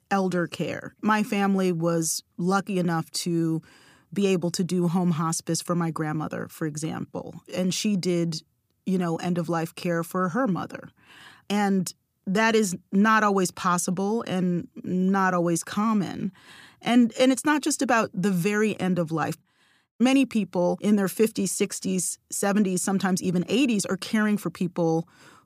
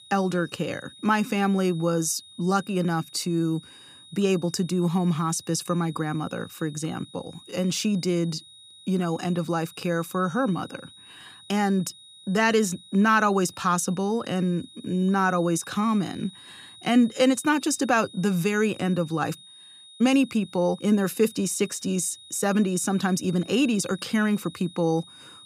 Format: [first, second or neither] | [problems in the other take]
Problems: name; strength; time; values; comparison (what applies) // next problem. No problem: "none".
first | high-pitched whine; faint; throughout; 3.5 kHz, 20 dB below the speech